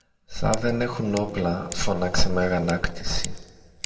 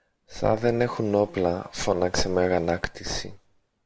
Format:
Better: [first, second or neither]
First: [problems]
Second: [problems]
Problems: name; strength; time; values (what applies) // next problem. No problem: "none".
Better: second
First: background sound (Scissors); 18 dB below the speech // room echo; dies away in 1.3 s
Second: none